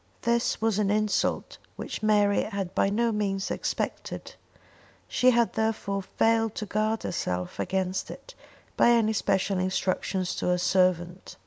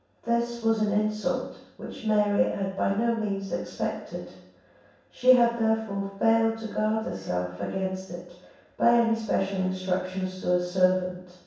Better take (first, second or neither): first